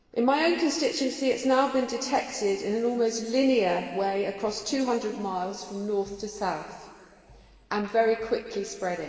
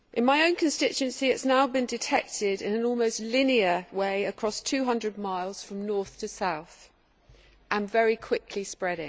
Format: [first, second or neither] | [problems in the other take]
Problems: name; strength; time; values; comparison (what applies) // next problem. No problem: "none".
second | room echo; dies away in 2.5 s